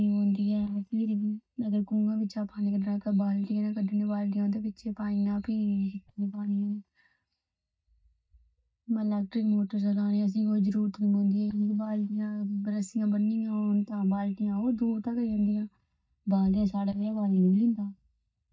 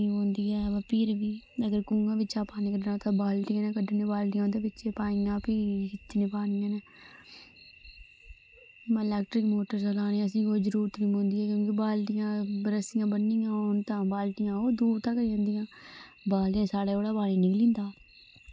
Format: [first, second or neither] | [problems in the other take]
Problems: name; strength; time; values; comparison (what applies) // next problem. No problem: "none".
second | noise reduction (neural mask model DeepFilterNet 3)